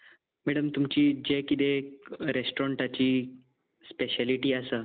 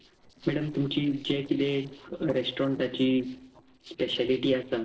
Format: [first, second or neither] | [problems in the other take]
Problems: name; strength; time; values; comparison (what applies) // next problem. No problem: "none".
first | noise reduction (neural separator model SepFormer DNS4)